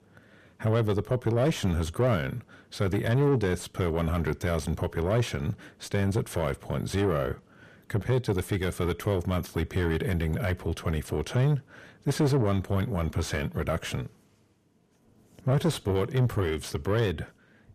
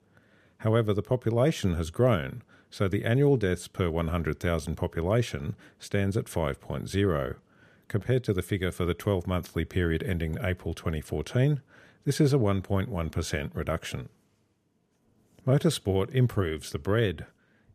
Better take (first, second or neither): second